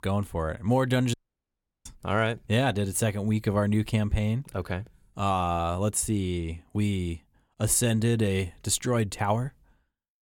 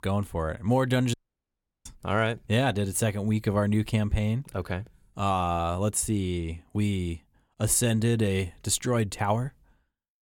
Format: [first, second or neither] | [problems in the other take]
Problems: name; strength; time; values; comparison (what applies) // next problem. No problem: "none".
neither | audio cutting out; at 1 s for 0.5 s; the same in both